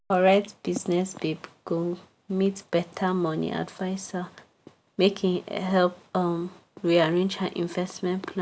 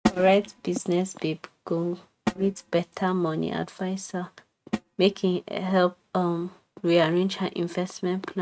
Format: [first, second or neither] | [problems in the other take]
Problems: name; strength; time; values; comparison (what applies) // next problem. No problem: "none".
first | noise reduction (neural mask model RNNoise)